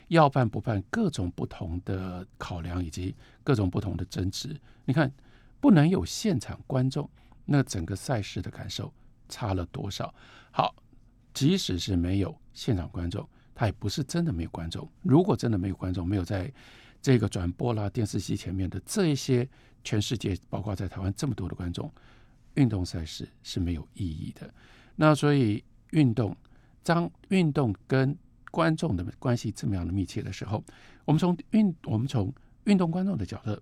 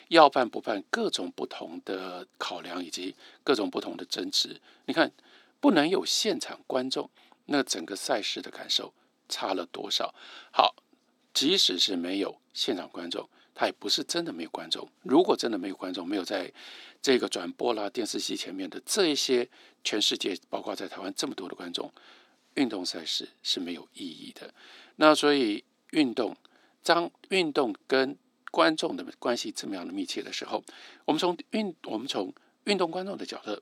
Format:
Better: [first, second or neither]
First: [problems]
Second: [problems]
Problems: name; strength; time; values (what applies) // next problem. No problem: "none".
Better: first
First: none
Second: thin; somewhat; fading below 300 Hz